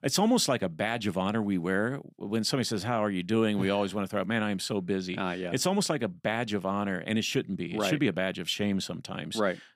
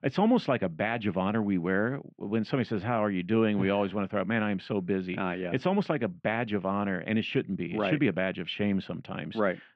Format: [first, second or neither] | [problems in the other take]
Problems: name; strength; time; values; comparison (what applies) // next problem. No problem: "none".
first | muffled; very; fading above 2.5 kHz